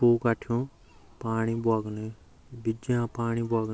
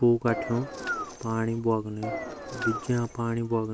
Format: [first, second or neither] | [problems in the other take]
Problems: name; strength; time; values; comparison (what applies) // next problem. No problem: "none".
first | background sound (Engine); 7 dB below the speech